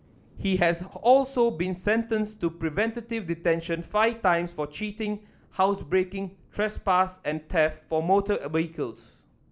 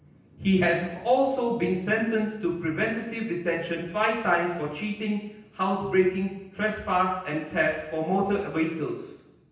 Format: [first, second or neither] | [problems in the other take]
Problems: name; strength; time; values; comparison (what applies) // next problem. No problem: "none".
first | room echo; dies away in 0.9 s